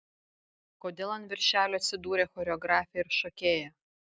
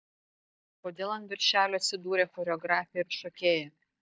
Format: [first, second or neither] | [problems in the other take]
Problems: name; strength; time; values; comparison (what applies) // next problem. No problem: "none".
first | noise reduction (neural mask model DeepFilterNet 3)